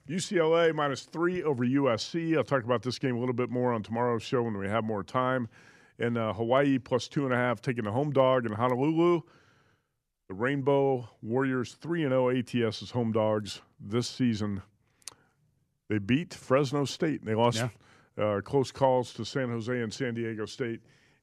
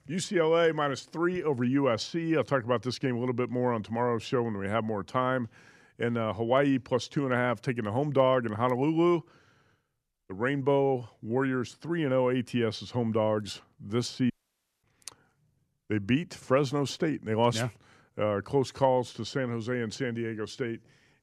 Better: first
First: none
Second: audio cutting out; at 14 s for 0.5 s

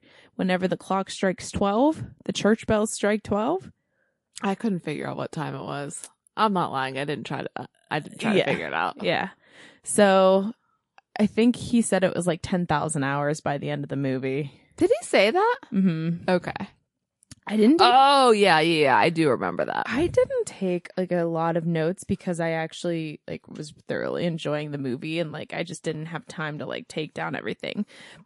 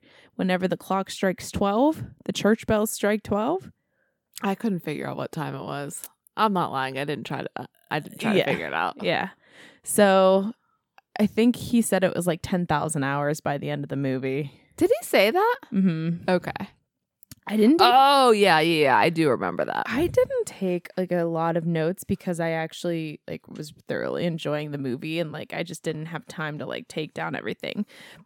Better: second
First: garbled, watery; slightly; nothing above 11 kHz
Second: none

